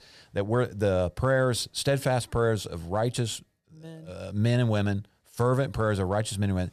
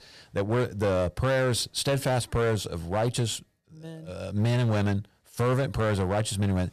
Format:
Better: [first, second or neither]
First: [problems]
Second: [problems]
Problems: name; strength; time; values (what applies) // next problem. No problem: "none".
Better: first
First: none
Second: distortion; slight; 12% of the sound clipped